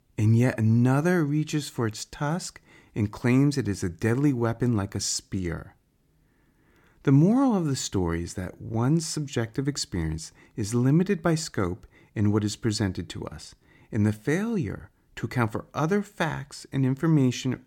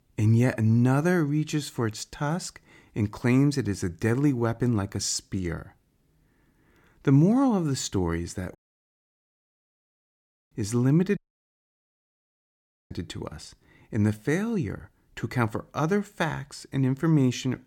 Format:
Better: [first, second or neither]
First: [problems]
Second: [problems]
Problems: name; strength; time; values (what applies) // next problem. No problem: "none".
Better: first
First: none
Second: audio cutting out; at 8.5 s for 2 s and at 11 s for 1.5 s